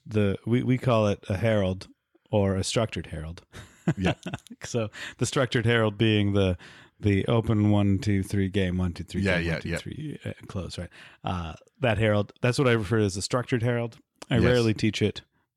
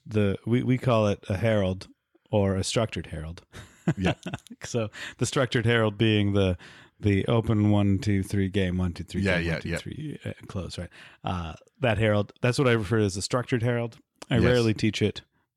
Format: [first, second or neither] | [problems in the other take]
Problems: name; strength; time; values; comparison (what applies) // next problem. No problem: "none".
neither | none